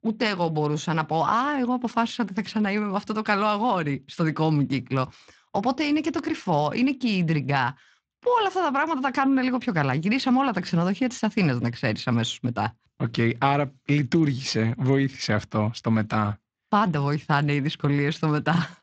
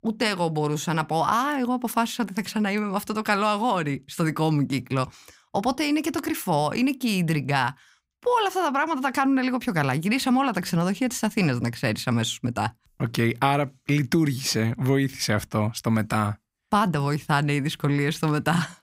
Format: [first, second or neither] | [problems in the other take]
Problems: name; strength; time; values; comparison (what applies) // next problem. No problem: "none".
second | garbled, watery; slightly; nothing above 7.5 kHz